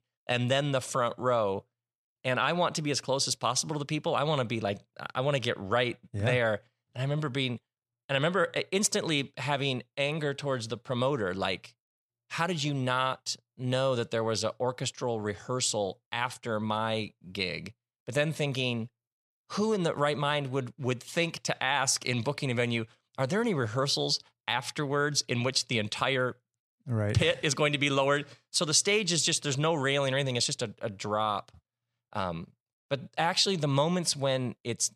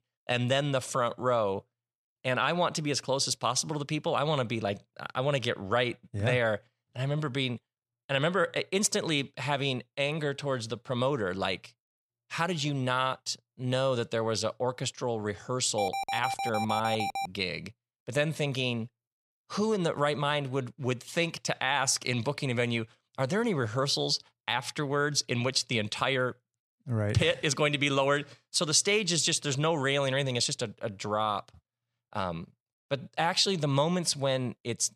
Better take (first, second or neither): first